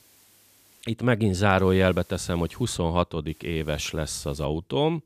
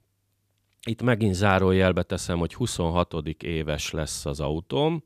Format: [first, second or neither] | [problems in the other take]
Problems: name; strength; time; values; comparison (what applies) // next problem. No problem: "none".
second | hiss; faint; at the start, from 1.5 to 2.5 s and from 3.5 to 4.5 s; 30 dB below the speech